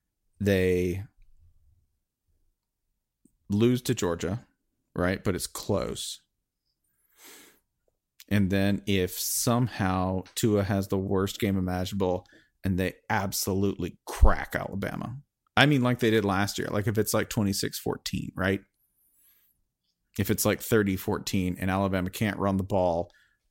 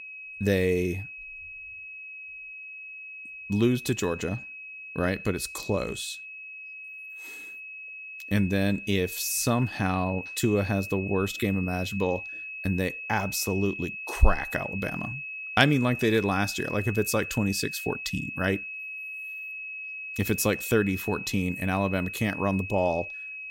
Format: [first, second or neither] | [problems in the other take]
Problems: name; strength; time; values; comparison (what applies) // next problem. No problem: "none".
first | high-pitched whine; loud; throughout; 2.5 kHz, 9 dB below the speech